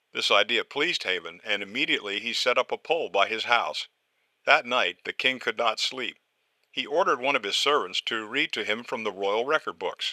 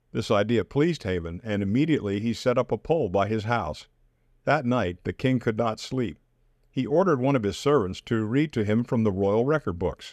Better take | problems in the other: second | thin; very; fading below 700 Hz

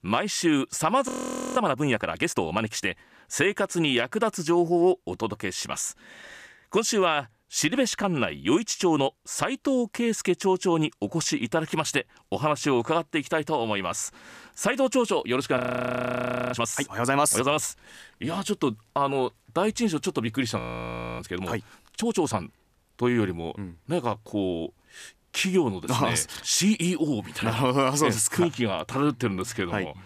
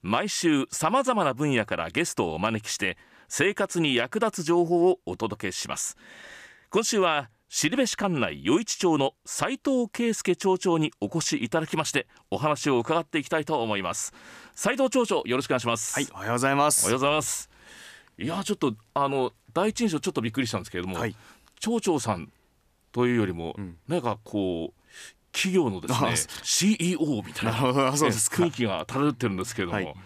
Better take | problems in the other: second | audio freezing; at 1 s, at 16 s for 1 s and at 21 s for 0.5 s

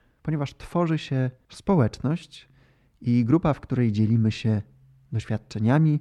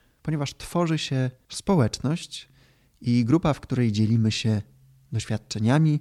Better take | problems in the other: second | muffled; slightly; fading above 3 kHz

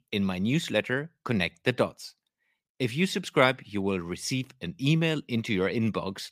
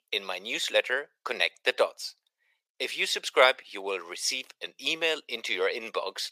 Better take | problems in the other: first | thin; very; fading below 500 Hz

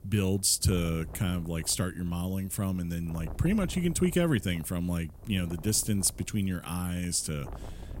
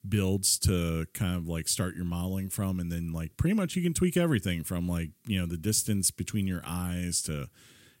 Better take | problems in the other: second | wind noise on the microphone; occasional gusts; 20 dB below the speech

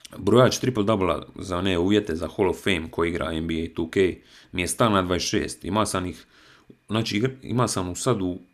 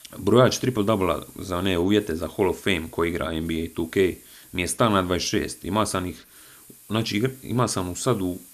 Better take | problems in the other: first | hiss; faint; throughout; 25 dB below the speech

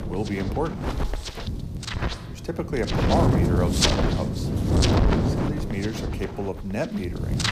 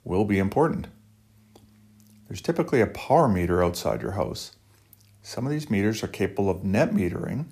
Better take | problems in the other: second | wind noise on the microphone; heavy; 2 dB above the speech

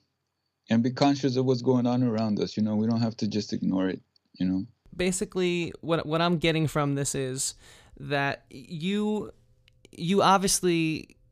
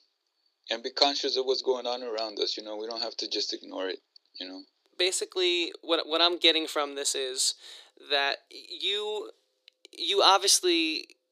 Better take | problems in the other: first | thin; very; fading below 350 Hz

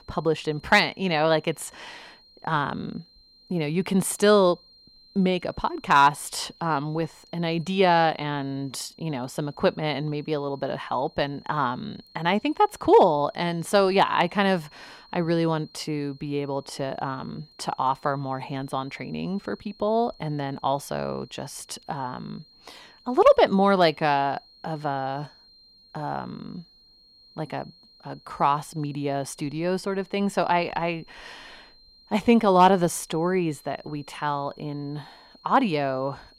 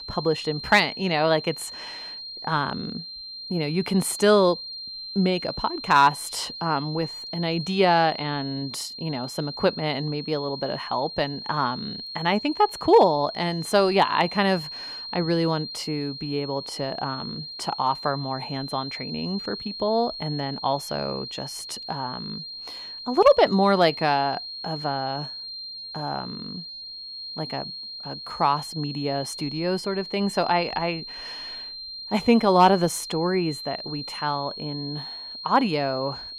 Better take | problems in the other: first | high-pitched whine; loud; throughout; 4 kHz, 10 dB below the speech; faint in the first

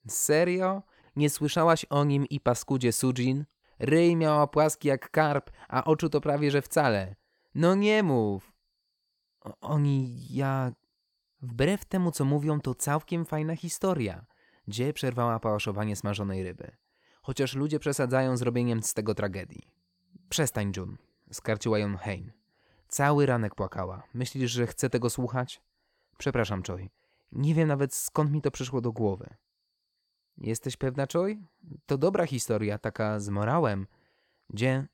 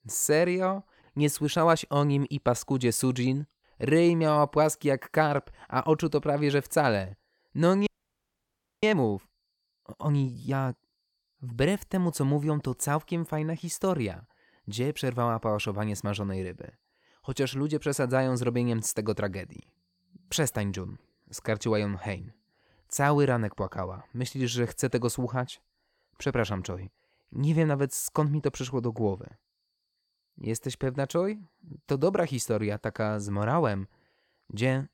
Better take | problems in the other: first | audio freezing; at 8 s for 1 s

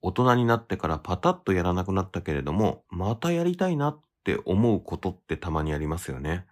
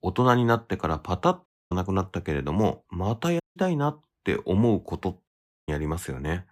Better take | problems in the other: first | audio cutting out; at 1.5 s, at 3.5 s and at 5.5 s

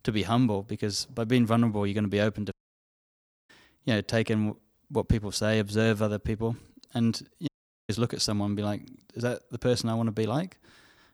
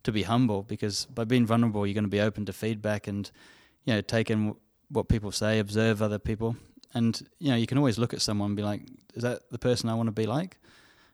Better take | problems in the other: second | audio cutting out; at 2.5 s for 1 s and at 7.5 s

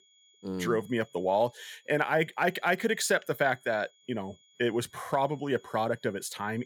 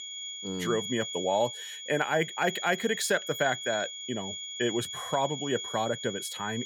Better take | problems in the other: first | high-pitched whine; loud; throughout; 3.5 kHz, 6 dB below the speech; faint in the first

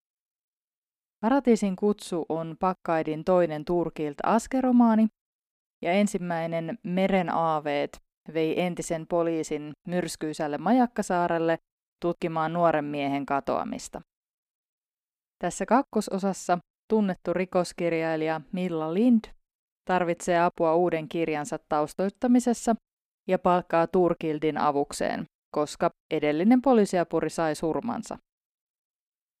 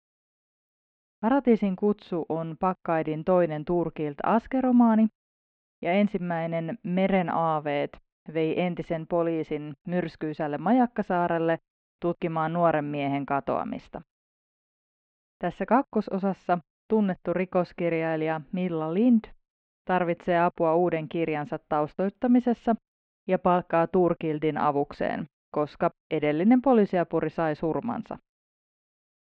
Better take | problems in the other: first | muffled; very; fading above 3 kHz

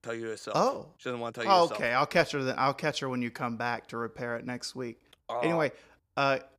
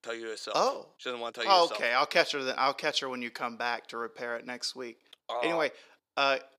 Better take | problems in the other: first | thin; somewhat; fading below 350 Hz

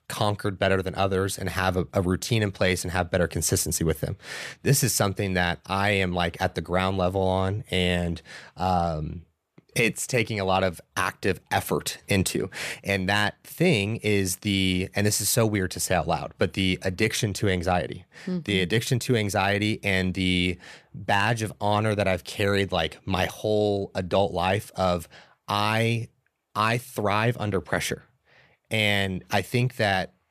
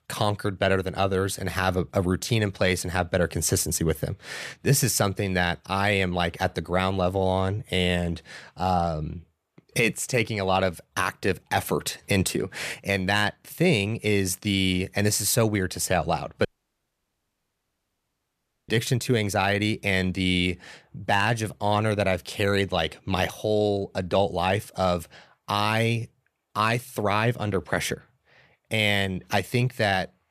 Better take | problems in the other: first | audio cutting out; at 16 s for 2 s

